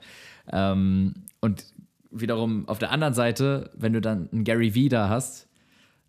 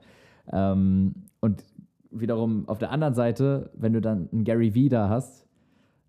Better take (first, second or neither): first